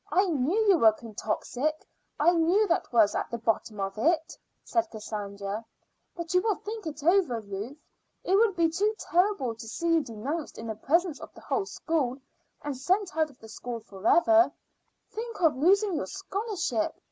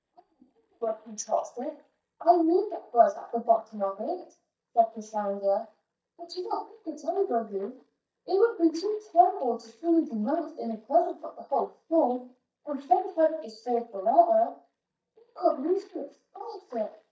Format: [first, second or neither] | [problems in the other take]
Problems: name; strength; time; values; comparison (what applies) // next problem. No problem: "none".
first | noise reduction (neural mask model DeepFilterNet 3)